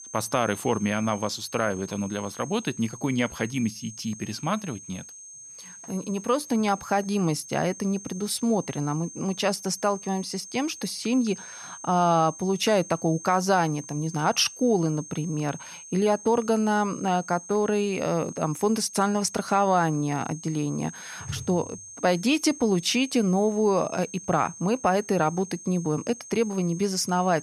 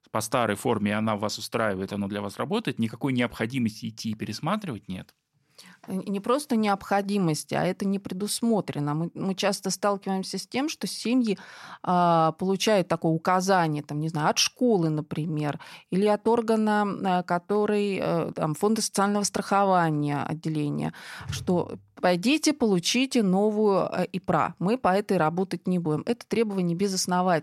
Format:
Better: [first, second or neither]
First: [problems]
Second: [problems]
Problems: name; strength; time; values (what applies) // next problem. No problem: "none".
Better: second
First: high-pitched whine; noticeable; throughout; 6.5 kHz, 15 dB below the speech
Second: none